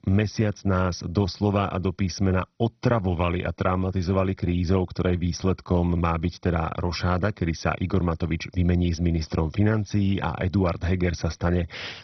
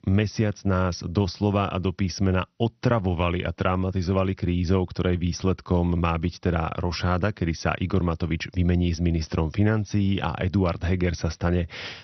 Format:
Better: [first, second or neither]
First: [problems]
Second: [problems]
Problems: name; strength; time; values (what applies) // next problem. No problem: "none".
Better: second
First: garbled, watery; badly; nothing above 6 kHz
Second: garbled, watery; slightly; nothing above 6 kHz